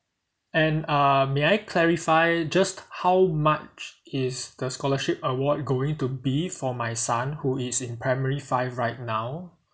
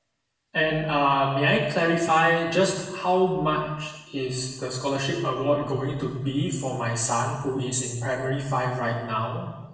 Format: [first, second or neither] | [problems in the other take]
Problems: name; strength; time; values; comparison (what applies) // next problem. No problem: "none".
first | room echo; dies away in 1 s